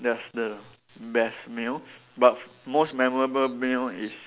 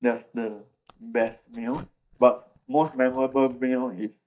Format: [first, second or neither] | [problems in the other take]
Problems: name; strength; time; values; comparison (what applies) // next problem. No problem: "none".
first | noise reduction (neural mask model DeepFilterNet 3)